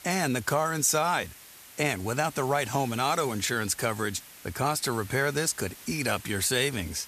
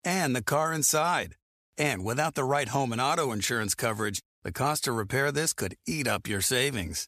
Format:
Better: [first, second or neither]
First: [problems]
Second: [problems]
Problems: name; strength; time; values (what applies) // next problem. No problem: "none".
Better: second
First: hiss; noticeable; throughout; 20 dB below the speech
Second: none